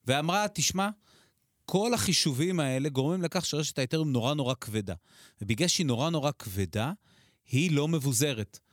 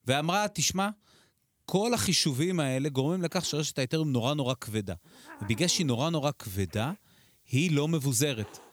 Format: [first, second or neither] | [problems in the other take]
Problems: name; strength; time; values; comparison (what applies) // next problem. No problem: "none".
first | hiss; faint; from 2.5 s on; 25 dB below the speech